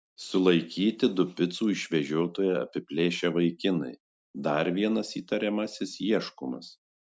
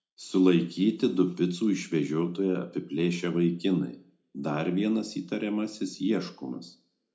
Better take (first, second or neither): first